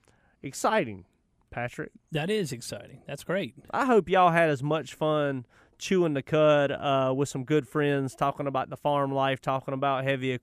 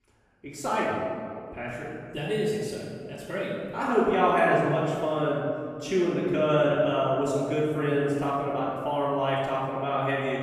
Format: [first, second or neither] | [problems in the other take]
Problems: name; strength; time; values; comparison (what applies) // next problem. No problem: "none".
first | off-mic speech; far // room echo; strong; dies away in 1.9 s